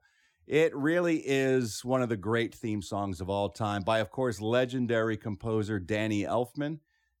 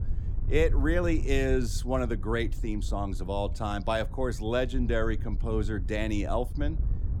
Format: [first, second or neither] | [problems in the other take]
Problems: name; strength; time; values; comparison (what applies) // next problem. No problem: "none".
first | wind noise on the microphone; occasional gusts; 20 dB below the speech